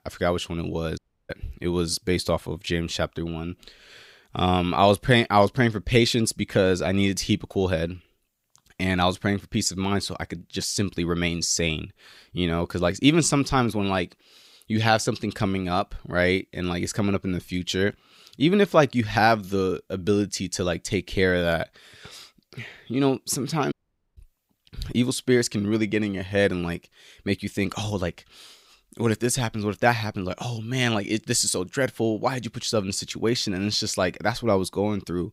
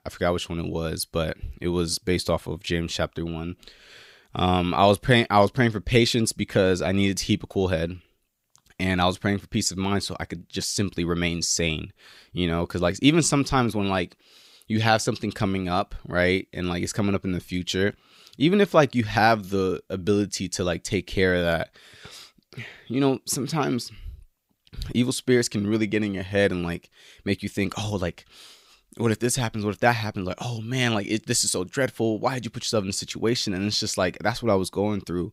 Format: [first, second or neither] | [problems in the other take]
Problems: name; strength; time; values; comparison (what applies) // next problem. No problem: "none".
second | audio cutting out; at 1 s and at 24 s